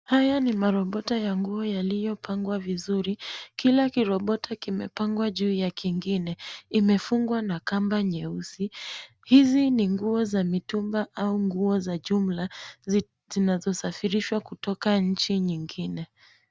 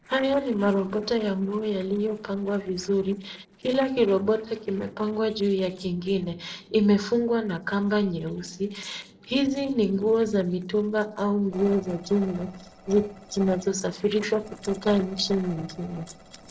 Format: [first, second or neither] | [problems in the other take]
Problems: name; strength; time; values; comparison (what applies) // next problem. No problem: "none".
first | noise reduction (neural separator model SepFormer DNS4)